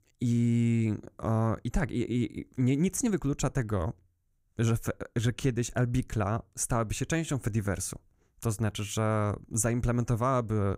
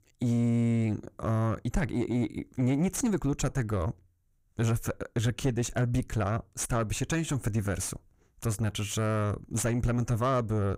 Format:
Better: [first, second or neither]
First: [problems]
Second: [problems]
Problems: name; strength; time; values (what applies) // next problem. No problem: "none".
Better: first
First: none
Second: distortion; slight; 9 dB below the speech